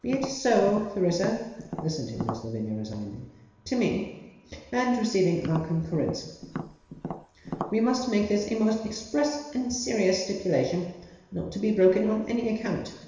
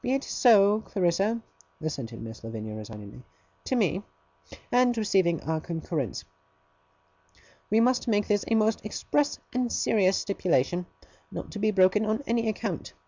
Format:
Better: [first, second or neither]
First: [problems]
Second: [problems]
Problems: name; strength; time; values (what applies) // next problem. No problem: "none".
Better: second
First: background sound (Tap); 10 dB below the speech // room echo; dies away in 1.1 s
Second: none